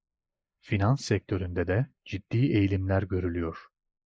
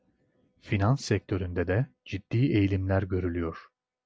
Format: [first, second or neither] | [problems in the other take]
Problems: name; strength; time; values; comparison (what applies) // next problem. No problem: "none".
second | noise reduction (neural mask model Resemble Enhance denoiser)